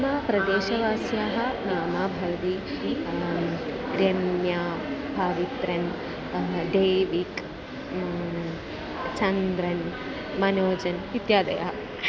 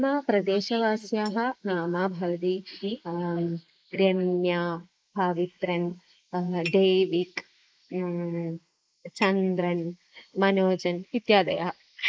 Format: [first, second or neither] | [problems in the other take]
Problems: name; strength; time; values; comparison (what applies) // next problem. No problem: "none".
first | noise reduction (neural mask model Resemble Enhance denoiser)